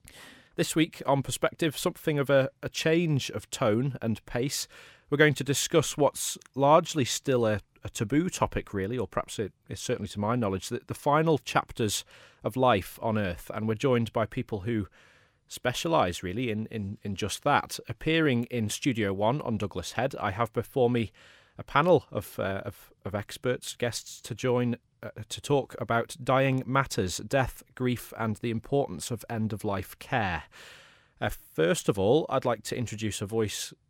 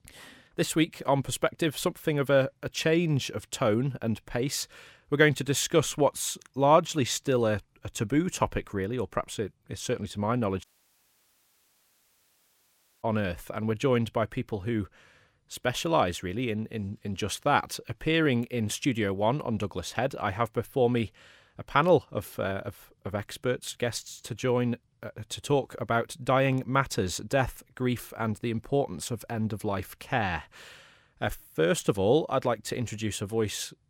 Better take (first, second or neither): first